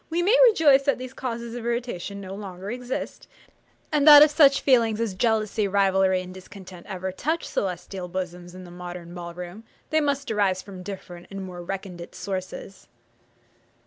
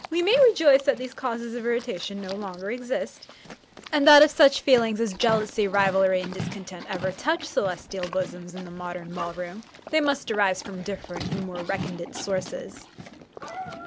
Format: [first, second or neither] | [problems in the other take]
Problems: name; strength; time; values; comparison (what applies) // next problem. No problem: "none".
first | background sound (Livestock, farm animals, working animals); 14 dB below the speech